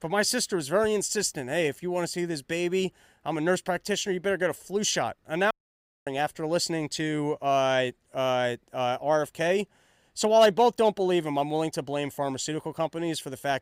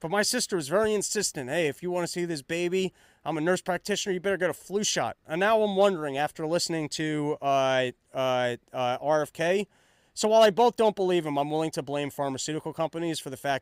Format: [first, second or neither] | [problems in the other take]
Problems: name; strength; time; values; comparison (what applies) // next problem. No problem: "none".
second | audio cutting out; at 5.5 s for 0.5 s